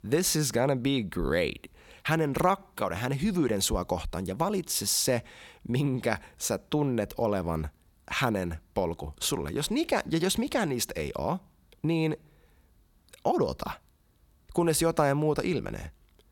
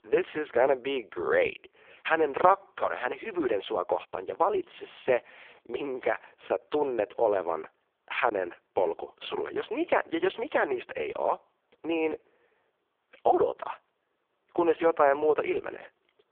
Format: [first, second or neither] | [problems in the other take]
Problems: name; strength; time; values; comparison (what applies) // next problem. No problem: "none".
first | phone-call audio; poor line